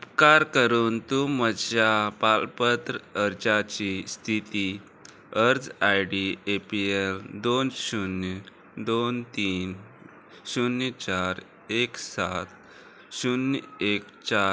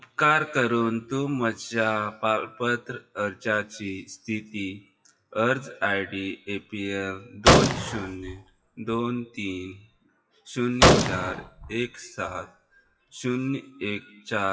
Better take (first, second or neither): first